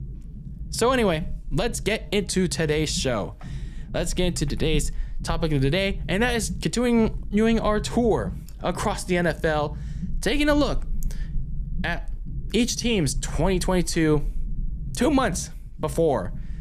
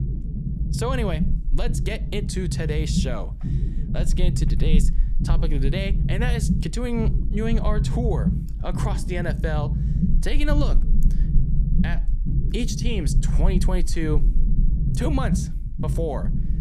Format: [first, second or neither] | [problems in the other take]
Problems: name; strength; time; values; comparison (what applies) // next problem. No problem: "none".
first | low rumble; loud; throughout; 6 dB below the speech; faint in the first